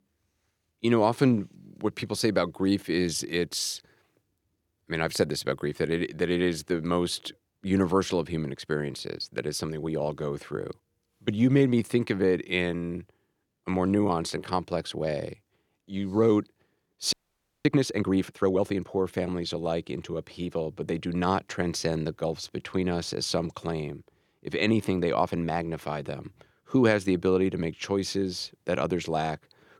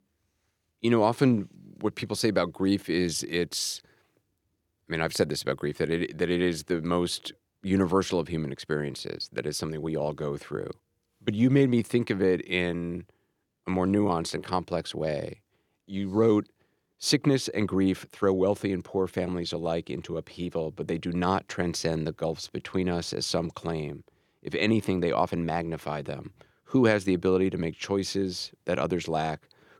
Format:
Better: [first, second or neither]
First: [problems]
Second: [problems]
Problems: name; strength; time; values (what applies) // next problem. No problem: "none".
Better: second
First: audio freezing; at 17 s for 0.5 s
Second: none